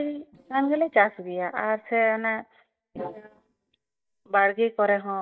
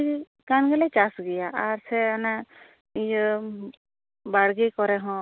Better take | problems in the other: second | noise reduction (neural mask model DeepFilterNet 3)

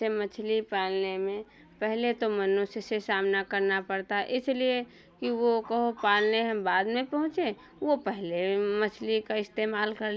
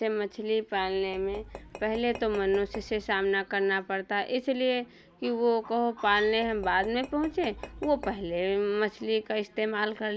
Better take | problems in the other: first | background sound (Tap / Glass); 16 dB below the speech

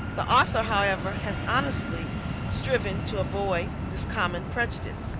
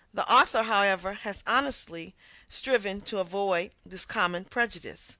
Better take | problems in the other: second | background sound (Fixed-wing aircraft, airplane); 2 dB below the speech

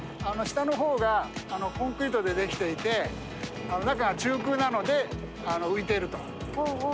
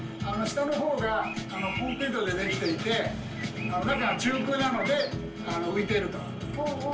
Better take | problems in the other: first | background sound (Bird); 11 dB below the speech // room echo; dies away in 0.3 s

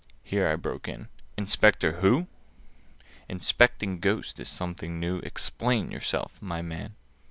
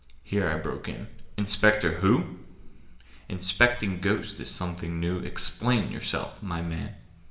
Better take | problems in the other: first | room echo; dies away in 0.8 s

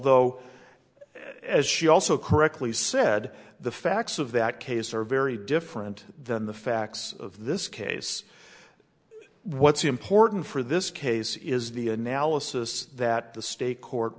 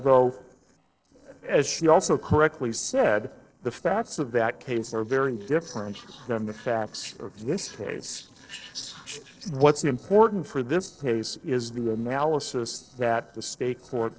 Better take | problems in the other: first | noise reduction (neural separator model SepFormer DNS4)

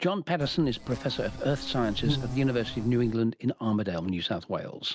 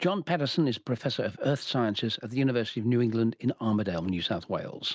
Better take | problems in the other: second | background sound (Insect); 7 dB below the speech

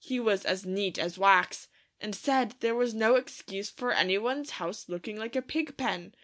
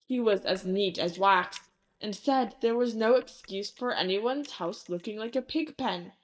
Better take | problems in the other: first | noise reduction (neural mask model DeepFilterNet 3)

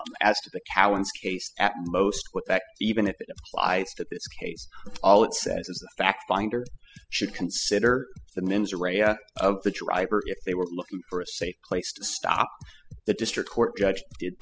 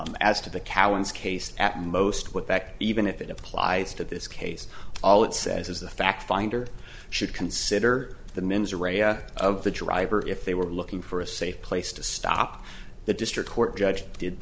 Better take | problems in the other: second | noise reduction (classical method spectral subtraction)

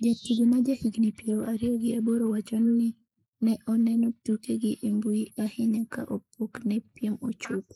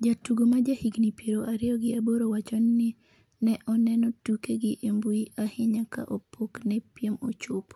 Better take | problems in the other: second | noise reduction (neural mask model Resemble Enhance denoiser)

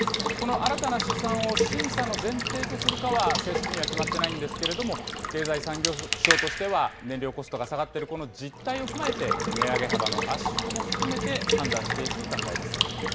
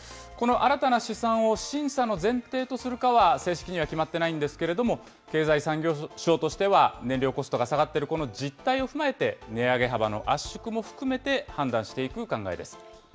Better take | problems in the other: second | background sound (Water tap, faucet / Water / Liquid); 2 dB above the speech

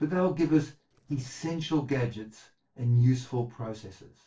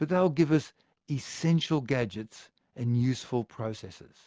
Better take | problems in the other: second | noise reduction (neural separator model SepFormer DNS4)

